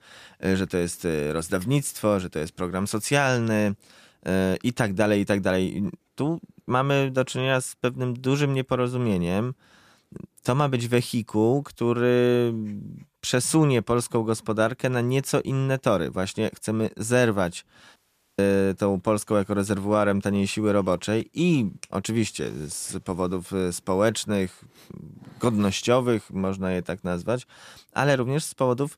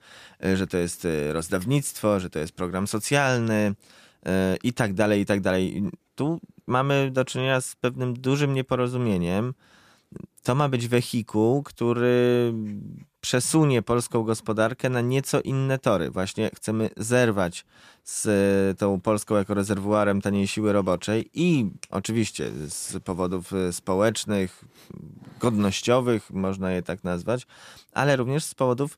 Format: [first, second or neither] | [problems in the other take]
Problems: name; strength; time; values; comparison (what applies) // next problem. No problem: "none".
second | audio cutting out; at 18 s